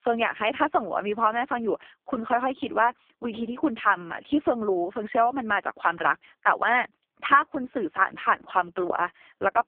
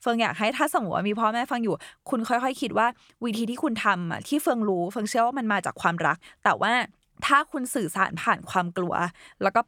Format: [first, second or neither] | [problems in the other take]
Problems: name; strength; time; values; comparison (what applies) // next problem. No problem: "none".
second | phone-call audio; poor line